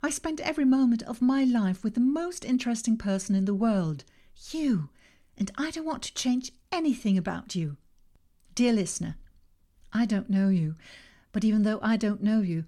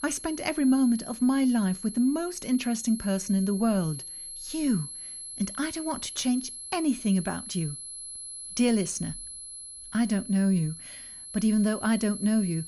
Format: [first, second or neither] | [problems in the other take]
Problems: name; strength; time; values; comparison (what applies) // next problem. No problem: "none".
first | high-pitched whine; noticeable; throughout; 11 kHz, 10 dB below the speech